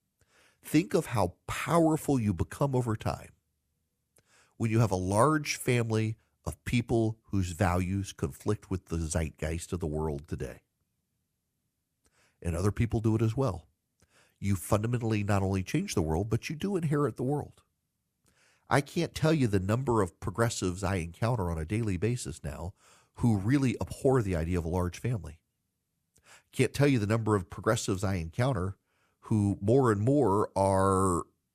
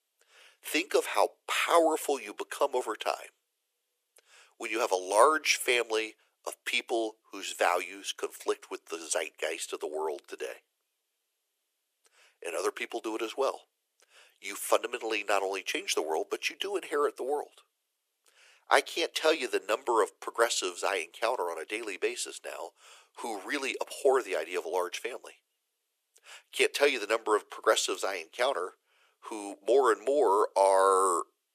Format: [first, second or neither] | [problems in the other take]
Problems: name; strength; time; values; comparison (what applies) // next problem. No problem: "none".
first | thin; very; fading below 400 Hz